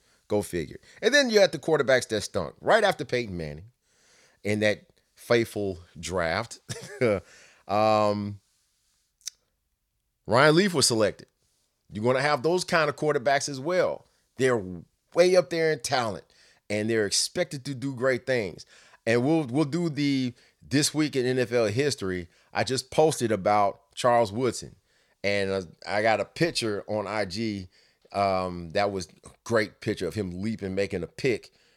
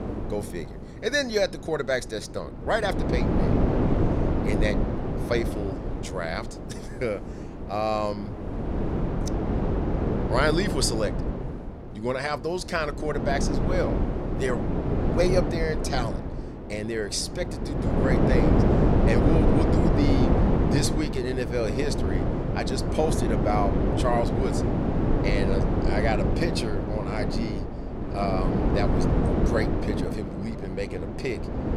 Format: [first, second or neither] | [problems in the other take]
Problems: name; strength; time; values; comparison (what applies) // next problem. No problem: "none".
first | wind noise on the microphone; heavy; 1 dB below the speech